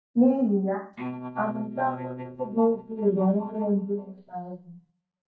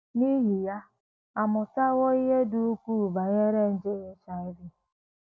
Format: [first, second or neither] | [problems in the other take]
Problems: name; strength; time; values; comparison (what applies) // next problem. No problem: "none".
second | noise reduction (neural mask model DeepFilterNet 3)